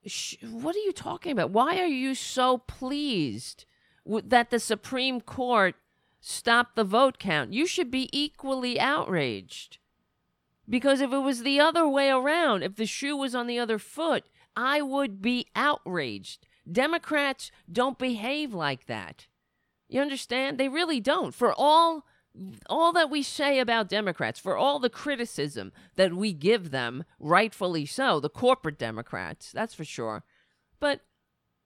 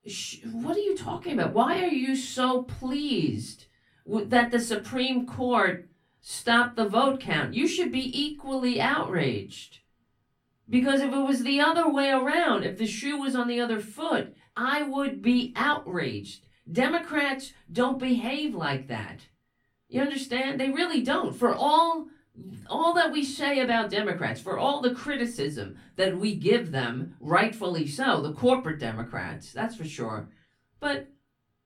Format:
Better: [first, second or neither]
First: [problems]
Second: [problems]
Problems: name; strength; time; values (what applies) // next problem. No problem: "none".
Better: first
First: none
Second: off-mic speech; far // room echo; very slight; dies away in 0.2 s